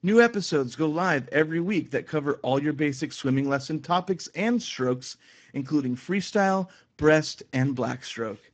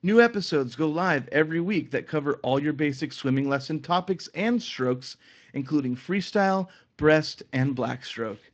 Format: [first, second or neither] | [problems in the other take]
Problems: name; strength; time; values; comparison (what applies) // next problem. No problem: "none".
second | garbled, watery; badly; nothing above 7.5 kHz; slightly in the second